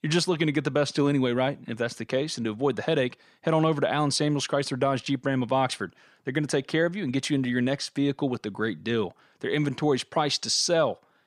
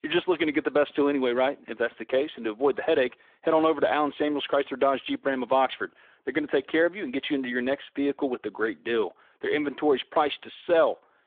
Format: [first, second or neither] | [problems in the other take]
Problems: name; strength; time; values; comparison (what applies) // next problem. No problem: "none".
first | phone-call audio; nothing above 3.5 kHz